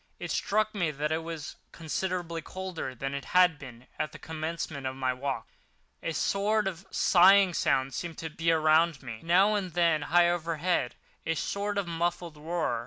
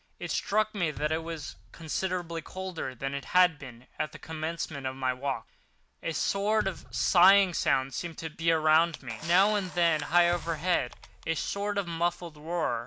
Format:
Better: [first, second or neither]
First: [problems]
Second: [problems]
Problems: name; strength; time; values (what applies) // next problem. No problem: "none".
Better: first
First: none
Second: background sound (Camera + Bass drum); 16 dB below the speech